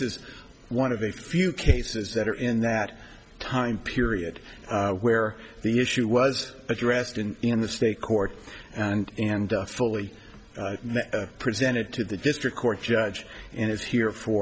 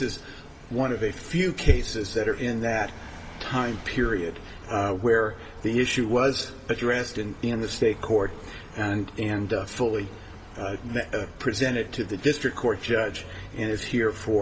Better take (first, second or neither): first